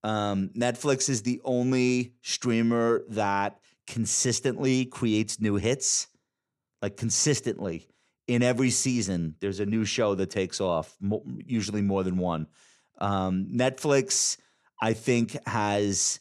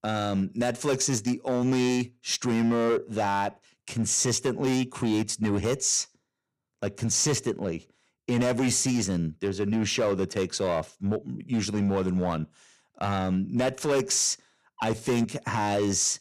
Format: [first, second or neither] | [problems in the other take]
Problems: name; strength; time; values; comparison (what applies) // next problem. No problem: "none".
first | distortion; slight; 8% of the sound clipped